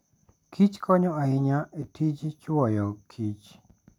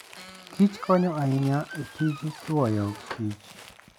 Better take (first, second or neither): first